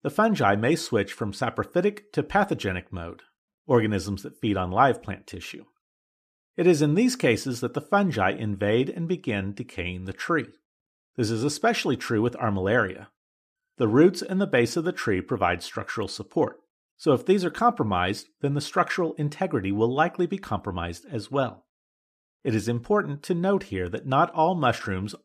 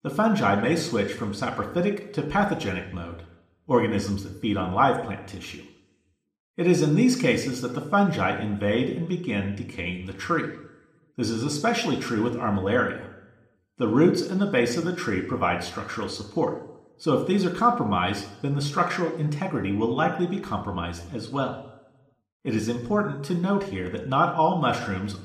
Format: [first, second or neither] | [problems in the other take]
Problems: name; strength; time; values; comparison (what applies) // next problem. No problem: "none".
first | room echo; slight; dies away in 0.7 s